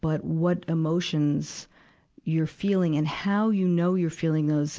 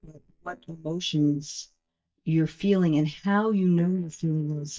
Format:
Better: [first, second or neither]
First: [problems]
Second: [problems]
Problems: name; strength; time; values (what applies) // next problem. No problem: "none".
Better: first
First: none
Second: noise reduction (neural mask model DeepFilterNet 3)